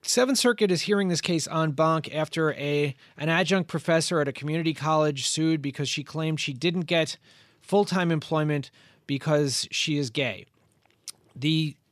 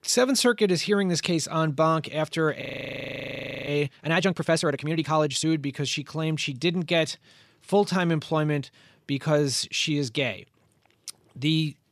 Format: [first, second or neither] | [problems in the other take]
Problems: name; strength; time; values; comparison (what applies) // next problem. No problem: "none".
first | audio freezing; at 2.5 s for 1 s